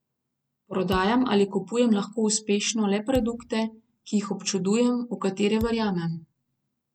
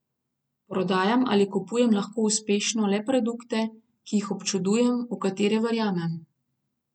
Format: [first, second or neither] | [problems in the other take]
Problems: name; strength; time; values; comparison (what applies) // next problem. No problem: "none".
second | background sound (Thump, thud); 17 dB below the speech